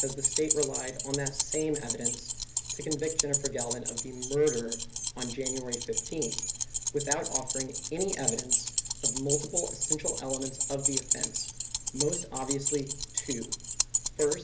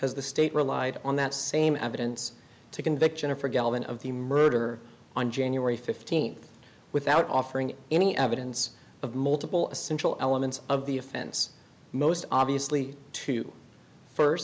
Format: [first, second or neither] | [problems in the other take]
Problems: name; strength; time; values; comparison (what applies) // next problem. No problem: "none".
second | background sound (Keys jangling); 2 dB above the speech // room echo; dies away in 0.3 s